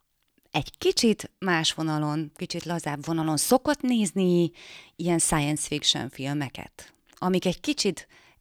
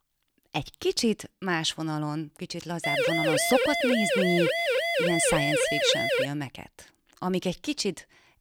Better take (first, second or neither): first